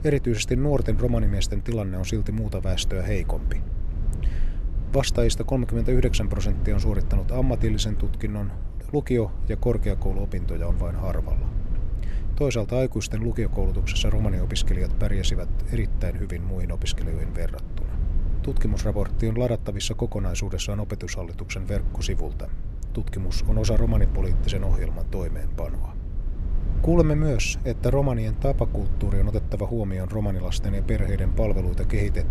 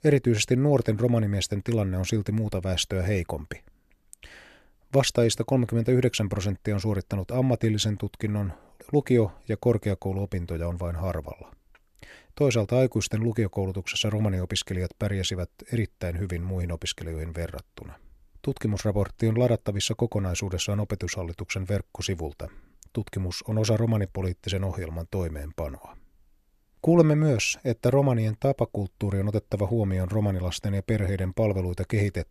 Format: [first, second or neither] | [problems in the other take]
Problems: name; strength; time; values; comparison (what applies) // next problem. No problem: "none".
second | low rumble; noticeable; throughout; 15 dB below the speech